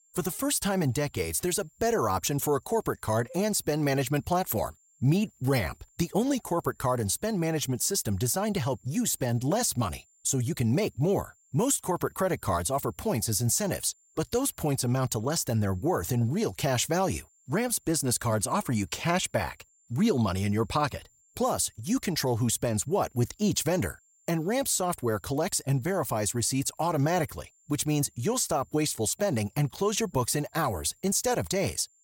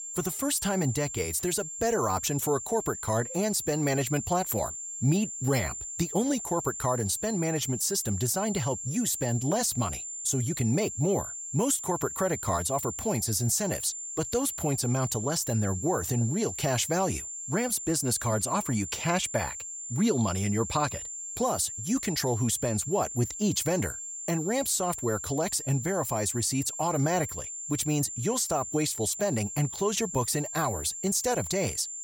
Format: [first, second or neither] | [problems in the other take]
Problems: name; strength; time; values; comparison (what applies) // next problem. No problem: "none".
first | high-pitched whine; loud; throughout; 7.5 kHz, 6 dB below the speech; faint in the first